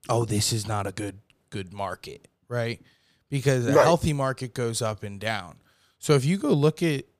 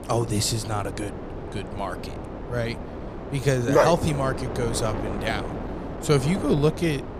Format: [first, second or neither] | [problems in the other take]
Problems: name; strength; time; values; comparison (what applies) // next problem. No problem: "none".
first | wind noise on the microphone; heavy; 10 dB below the speech